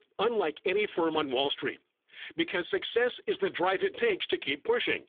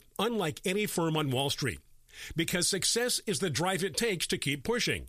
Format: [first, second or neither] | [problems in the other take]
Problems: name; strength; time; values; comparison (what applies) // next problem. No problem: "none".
second | phone-call audio; poor line; nothing above 3.5 kHz